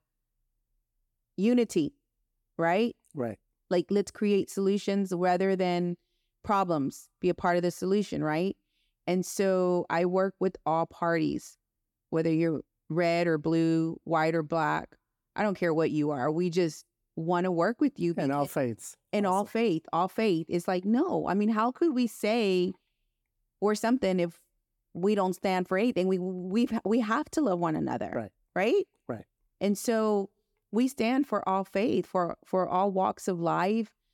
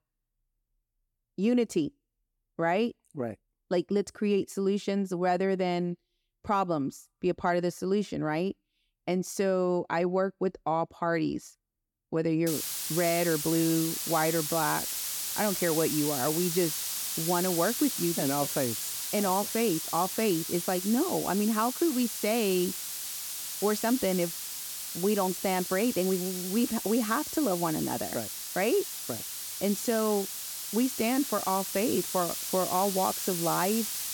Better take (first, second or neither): first